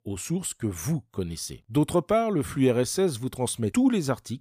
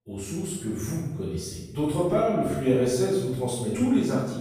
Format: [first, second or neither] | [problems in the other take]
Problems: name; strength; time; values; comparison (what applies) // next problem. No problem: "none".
first | off-mic speech; far // room echo; strong; dies away in 0.9 s